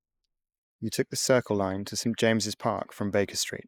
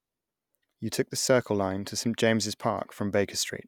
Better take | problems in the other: second | noise reduction (neural mask model Resemble Enhance denoiser)

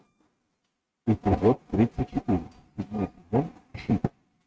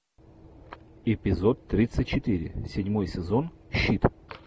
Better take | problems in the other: second | noise reduction (neural mask model RNNoise)

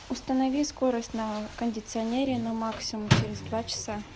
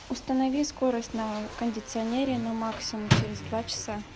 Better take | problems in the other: first | background sound (Motorcycle); 20 dB below the speech

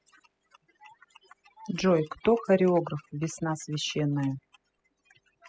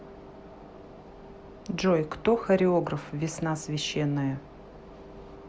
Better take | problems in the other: second | noise reduction (classical method spectral subtraction)

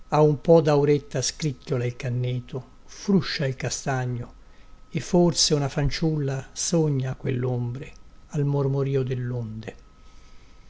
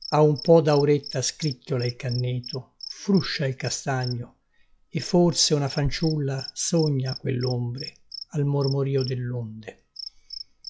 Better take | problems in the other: first | noise reduction (classical method log-MMSE)

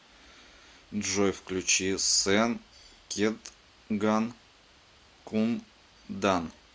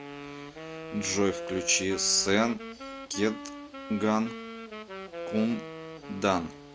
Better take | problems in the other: first | background sound (Wind instrument, woodwind instrument); 10 dB below the speech

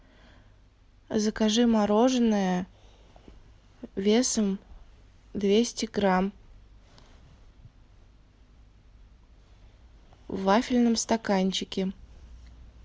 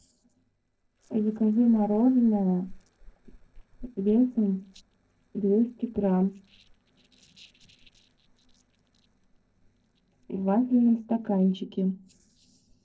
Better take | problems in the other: first | noise reduction (neural separator model SepFormer DNS4)

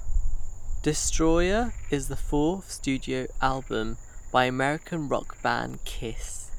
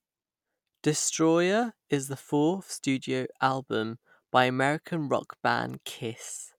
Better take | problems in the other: second | background sound (Frog); 1 dB below the speech

